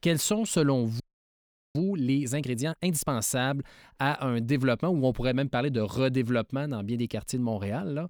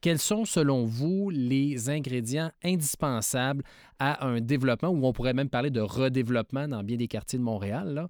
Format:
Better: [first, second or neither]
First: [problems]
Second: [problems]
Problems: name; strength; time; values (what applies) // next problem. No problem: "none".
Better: second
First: audio freezing; at 1 s for 1 s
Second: none